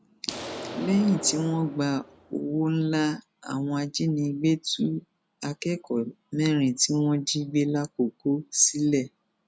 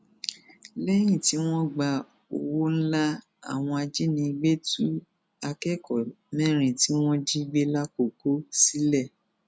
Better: second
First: background sound (Explosion); 12 dB below the speech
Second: none

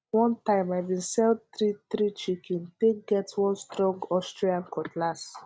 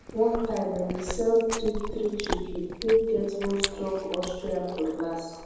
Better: first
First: none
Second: background sound (Chewing, mastication); 9 dB below the speech // room echo; dies away in 1.1 s

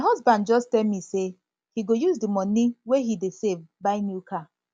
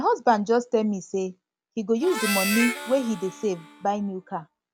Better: first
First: none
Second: background sound (Harmonica); 7 dB below the speech

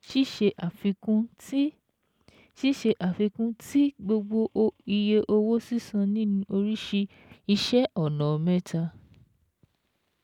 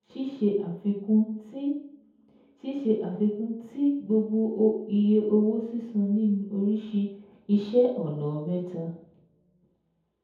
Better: first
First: none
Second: room echo; dies away in 0.7 s

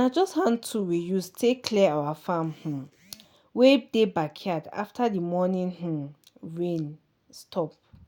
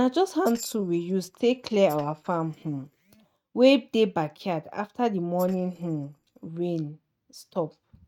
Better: first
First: none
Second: noise reduction (neural mask model RNNoise)

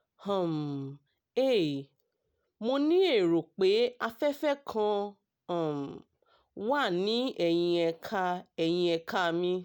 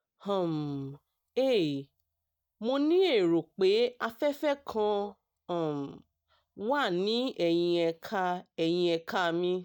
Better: first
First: none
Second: noise reduction (neural mask model DeepFilterNet 3)

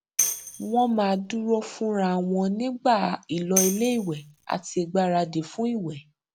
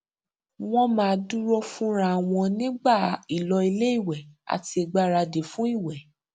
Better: second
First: background sound (Tambourine); 6 dB below the speech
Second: none

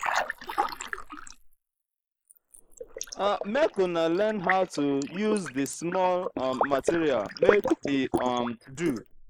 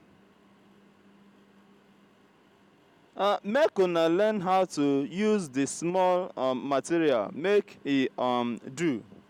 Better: second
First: noise reduction (neural mask model Resemble Enhance denoiser)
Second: none

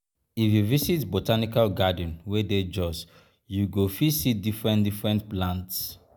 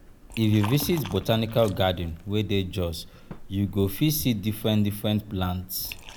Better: first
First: none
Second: background sound (Liquid); 16 dB below the speech

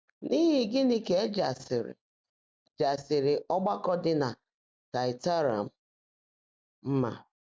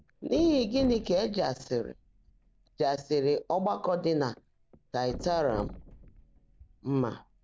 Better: first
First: none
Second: background sound (Thump, thud); 16 dB below the speech

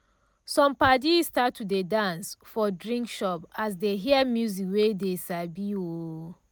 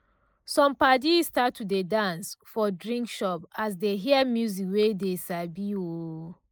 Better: first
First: none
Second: noise reduction (neural mask model Resemble Enhance denoiser)

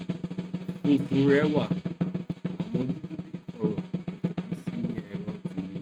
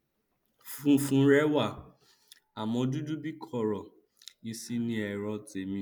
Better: second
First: noise reduction (neural mask model RNNoise)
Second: none

